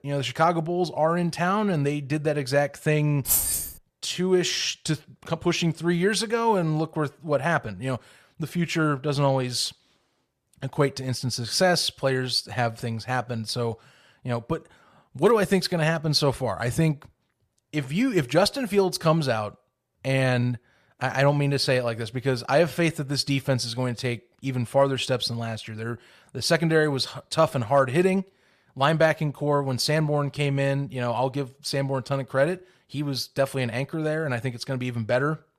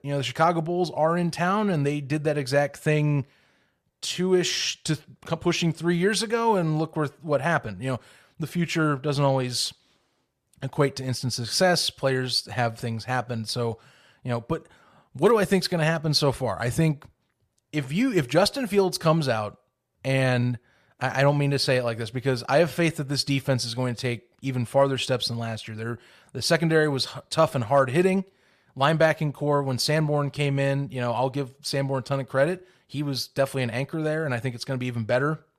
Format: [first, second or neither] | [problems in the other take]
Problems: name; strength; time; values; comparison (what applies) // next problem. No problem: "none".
second | jangling keys; loud; at 3.5 s; peak 4 dB above the speech